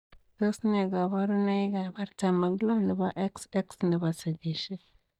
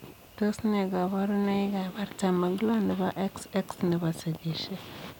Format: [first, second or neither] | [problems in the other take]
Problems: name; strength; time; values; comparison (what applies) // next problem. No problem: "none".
second | noise reduction (neural mask model DeepFilterNet 3)